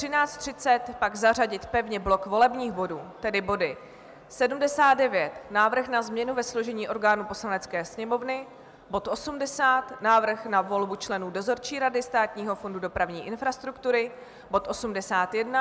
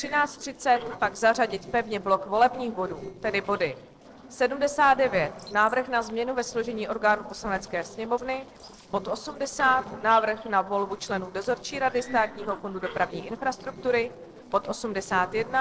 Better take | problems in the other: first | noise reduction (neural separator model SepFormer DNS4)

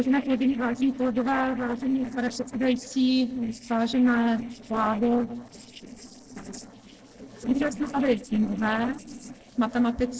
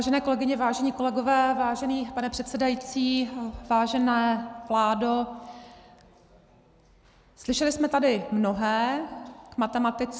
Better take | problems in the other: second | noise reduction (neural separator model SepFormer DNS4)

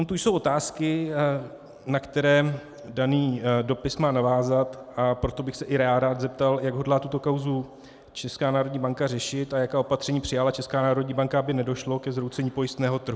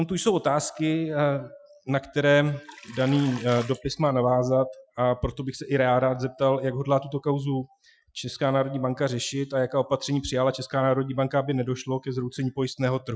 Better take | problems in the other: first | noise reduction (classical method Wiener filter)

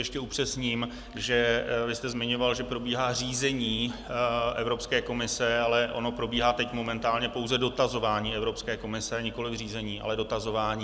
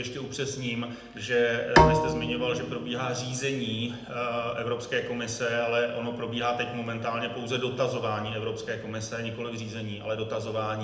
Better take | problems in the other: first | background sound (Bowed string instrument); 3 dB above the speech // room echo; dies away in 0.8 s

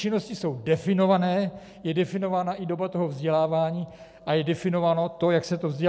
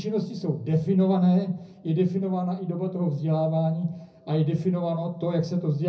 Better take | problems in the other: first | room echo; dies away in 0.4 s

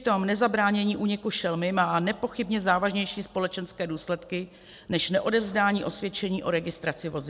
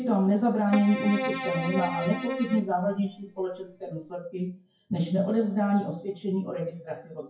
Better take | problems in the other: first | noise reduction (classical method WPE with log-MMSE)

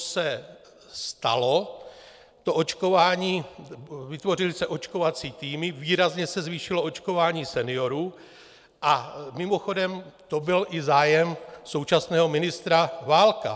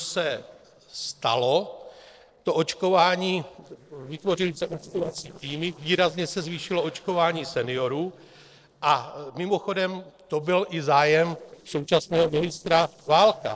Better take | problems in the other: first | noise reduction (neural separator model SepFormer DNS4)

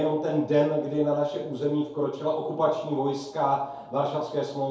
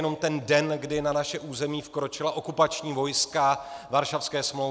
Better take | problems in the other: second | room echo; dies away in 2.2 s

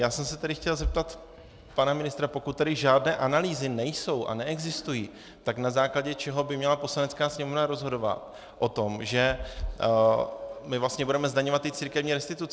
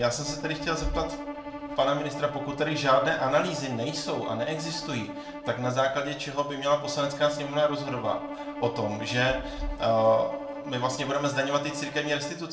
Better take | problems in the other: first | background sound (Bowed string instrument); 10 dB below the speech // room echo; dies away in 0.4 s

